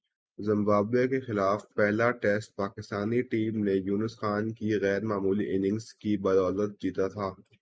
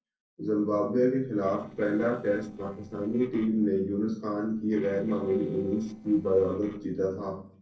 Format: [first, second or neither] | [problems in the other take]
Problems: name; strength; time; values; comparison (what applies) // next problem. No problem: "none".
first | noise reduction (neural separator model SepFormer DNS4)